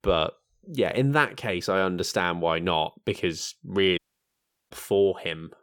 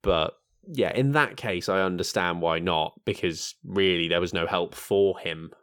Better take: second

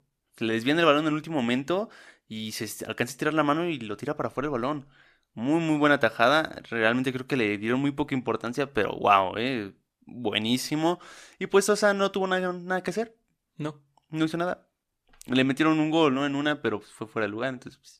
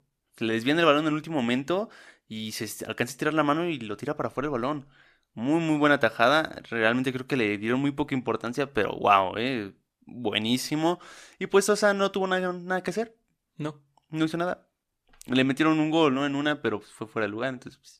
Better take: neither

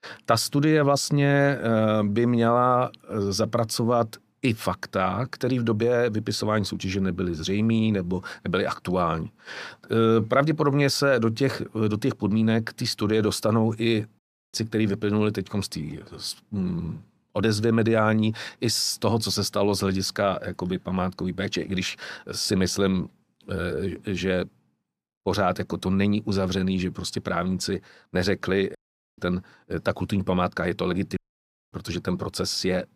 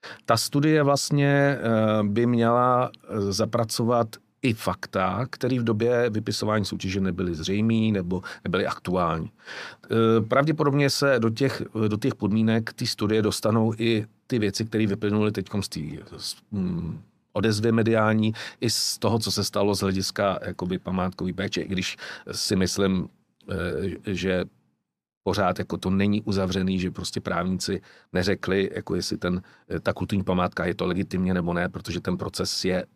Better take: second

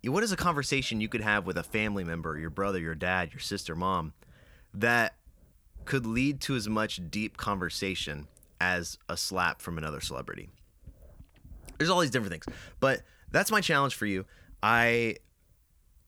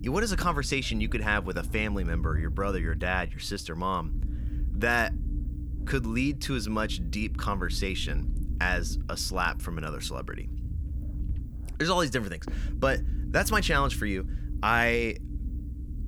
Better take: first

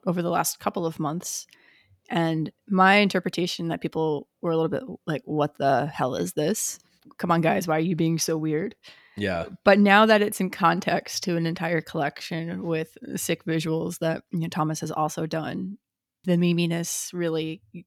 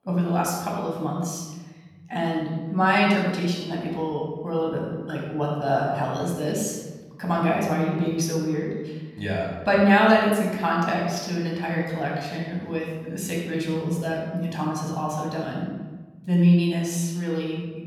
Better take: first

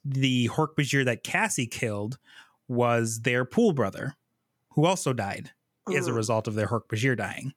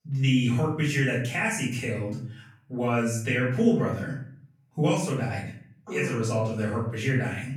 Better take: first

